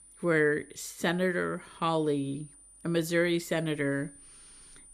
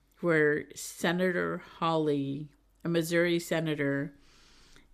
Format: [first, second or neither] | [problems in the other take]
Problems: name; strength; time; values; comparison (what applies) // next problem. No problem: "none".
second | high-pitched whine; faint; throughout; 9.5 kHz, 25 dB below the speech